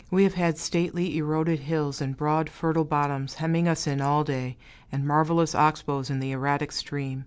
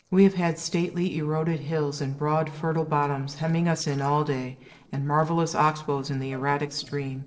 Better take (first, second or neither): first